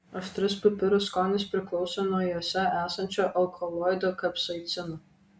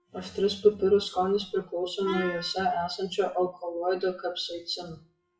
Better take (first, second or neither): first